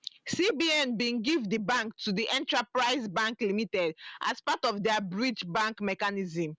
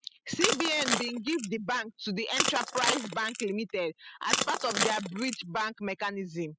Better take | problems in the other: first | noise reduction (classical method spectral subtraction)

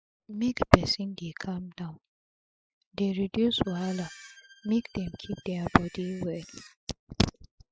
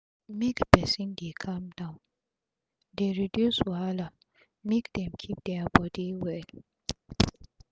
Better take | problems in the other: second | noise reduction (classical method Wiener filter)

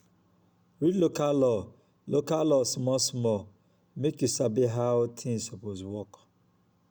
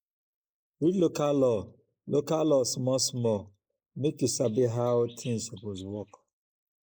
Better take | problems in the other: first | noise reduction (neural mask model Resemble Enhance denoiser)

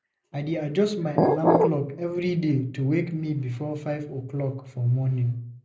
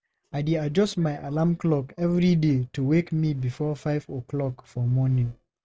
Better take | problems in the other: second | background sound (Glass); 4 dB above the speech // room echo; dies away in 0.5 s

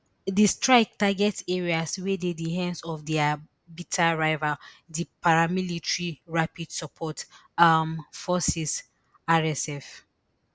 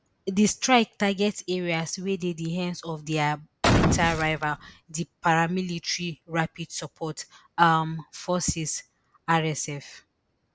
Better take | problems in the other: first | background sound (Boom); 3 dB above the speech

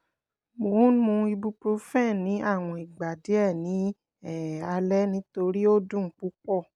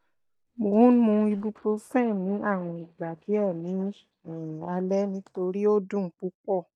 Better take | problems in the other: first | noise reduction (neural mask model DeepFilterNet 3)

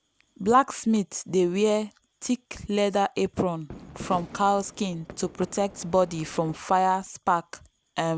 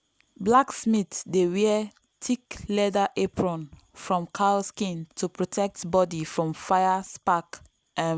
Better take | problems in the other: second | background sound (Fireworks); 16 dB below the speech

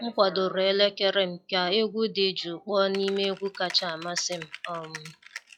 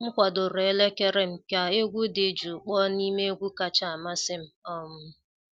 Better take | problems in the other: second | noise reduction (classical method log-MMSE)

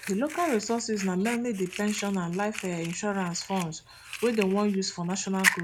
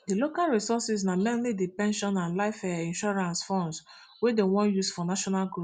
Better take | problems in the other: second | background sound (Fire); 8 dB below the speech

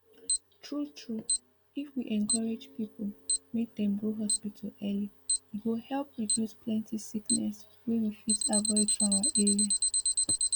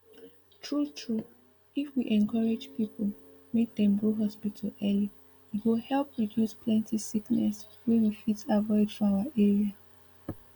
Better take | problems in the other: second | background sound (Alarm); as loud as the speech

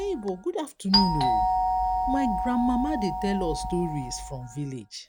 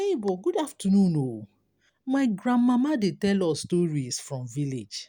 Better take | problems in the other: second | background sound (Doorbell); 1 dB above the speech

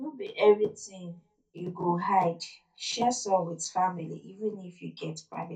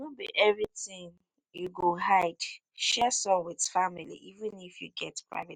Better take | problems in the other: second | room echo; dies away in 0.3 s

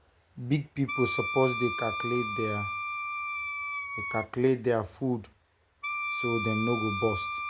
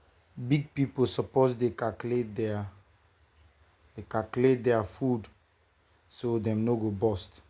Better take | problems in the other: second | background sound (Wind instrument, woodwind instrument); 4 dB below the speech

